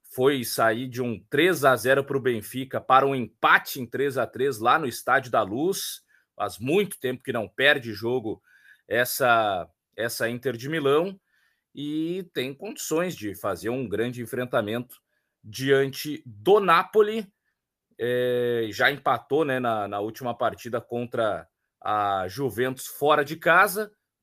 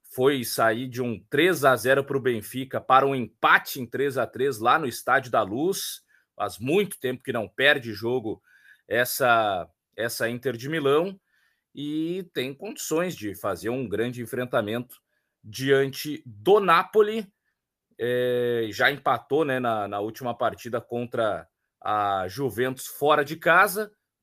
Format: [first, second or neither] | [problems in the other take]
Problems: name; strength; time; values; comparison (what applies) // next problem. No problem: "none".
neither | none